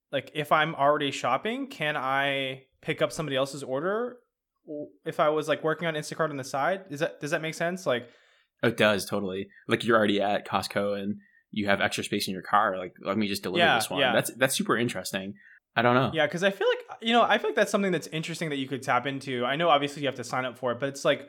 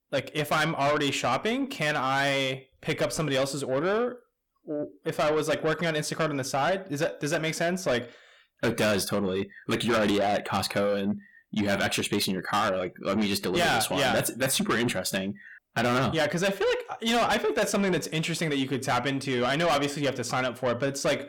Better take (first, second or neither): first